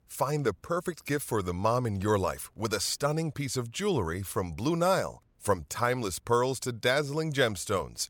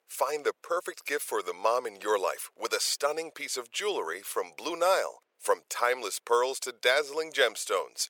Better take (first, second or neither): first